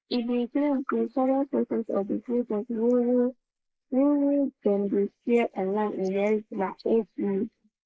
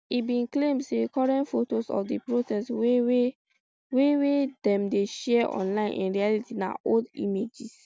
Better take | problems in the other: second | noise reduction (neural mask model Resemble Enhance denoiser)

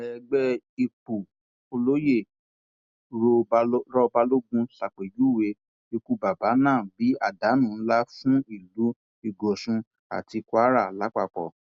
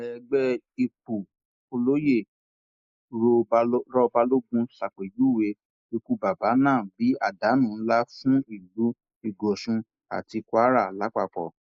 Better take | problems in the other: first | noise reduction (neural mask model Resemble Enhance denoiser)

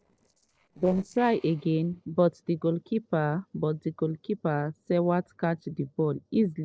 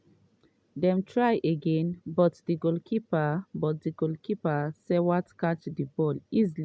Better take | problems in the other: second | noise reduction (neural separator model SepFormer DNS4)

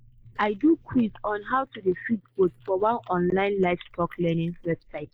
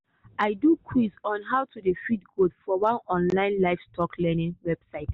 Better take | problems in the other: second | noise reduction (neural mask model Resemble Enhance denoiser)

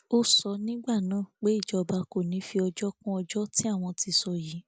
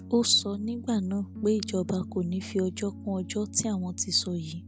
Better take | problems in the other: first | background sound (Piano); 13 dB below the speech

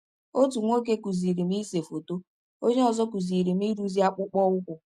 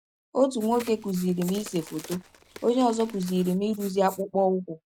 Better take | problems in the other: first | background sound (Crack + Writing); 19 dB below the speech

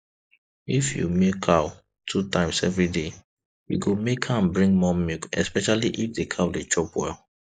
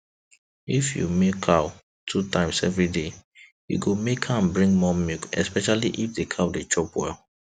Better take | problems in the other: second | noise reduction (neural mask model Resemble Enhance denoiser)

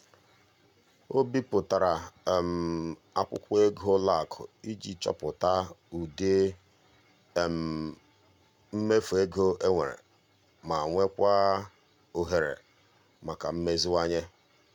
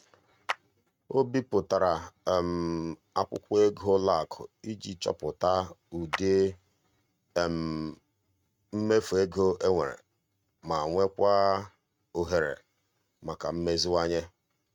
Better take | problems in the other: first | noise reduction (neural mask model RNNoise)

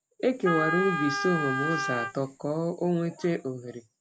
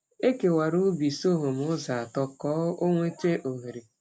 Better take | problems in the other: second | background sound (Wind instrument, woodwind instrument); 2 dB below the speech

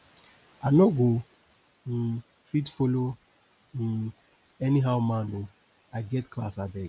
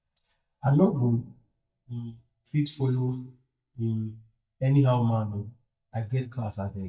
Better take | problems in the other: first | noise reduction (neural mask model DeepFilterNet 3)

